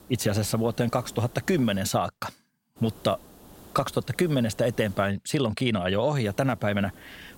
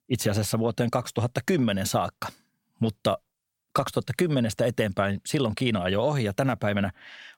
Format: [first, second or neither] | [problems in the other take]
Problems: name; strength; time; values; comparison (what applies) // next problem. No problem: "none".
second | hiss; faint; until 2 s, from 3 to 5 s and from 6 s on; 20 dB below the speech